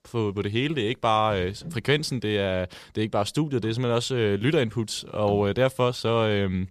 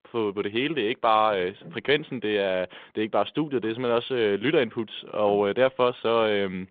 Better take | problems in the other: first | phone-call audio

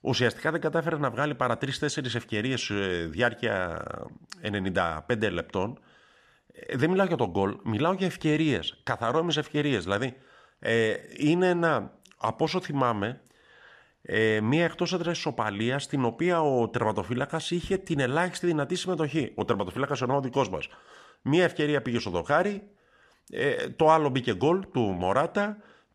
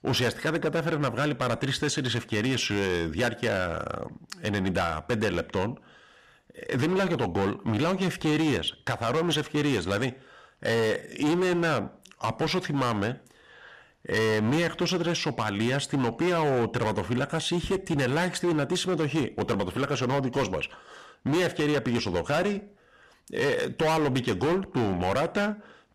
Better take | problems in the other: first | distortion; heavy; 15% of the sound clipped

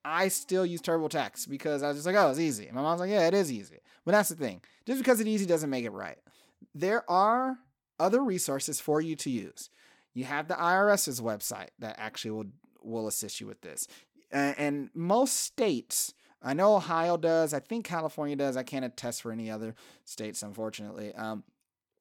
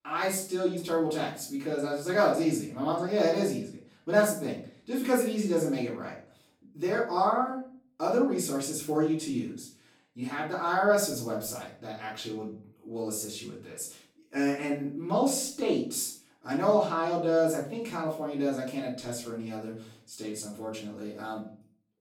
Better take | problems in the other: first | off-mic speech; far // room echo; slight; dies away in 0.4 s

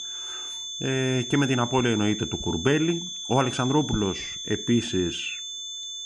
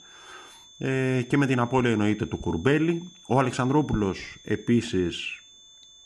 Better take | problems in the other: second | high-pitched whine; loud; throughout; 3.5 kHz, 6 dB below the speech; faint in the second

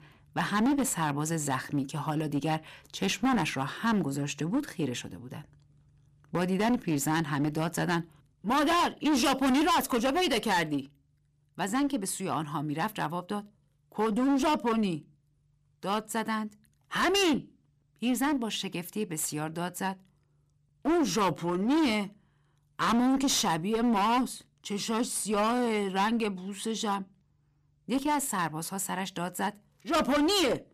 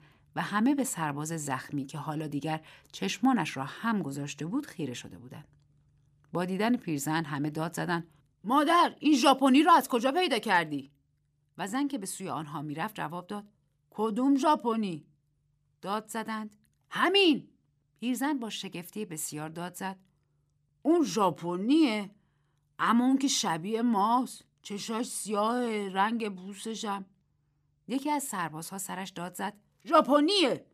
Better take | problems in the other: second | distortion; heavy; 13% of the sound clipped

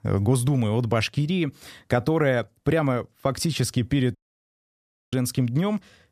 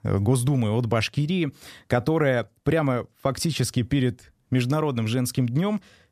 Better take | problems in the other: second | audio cutting out; at 4 s for 1 s

